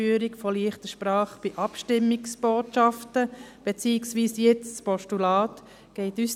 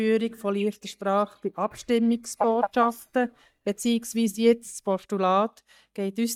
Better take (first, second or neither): first